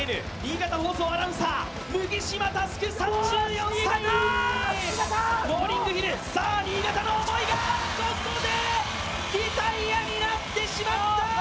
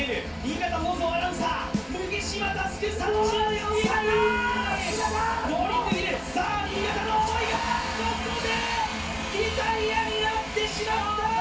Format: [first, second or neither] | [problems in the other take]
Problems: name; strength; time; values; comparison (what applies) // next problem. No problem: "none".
first | background sound (Snare drum); 14 dB below the speech // room echo; dies away in 0.3 s